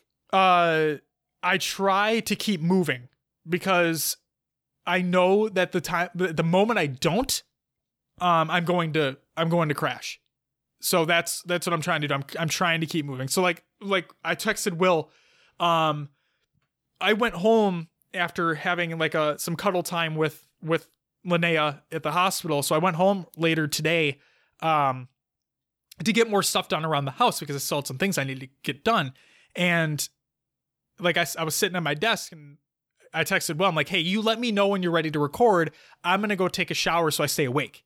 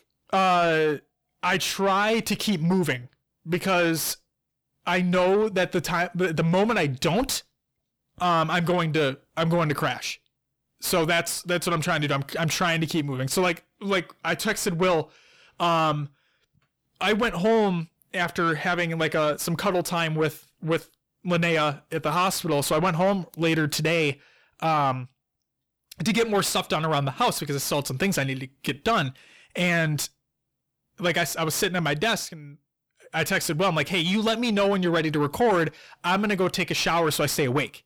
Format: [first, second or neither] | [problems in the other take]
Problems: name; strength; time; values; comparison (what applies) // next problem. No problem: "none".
first | distortion; slight; 10 dB below the speech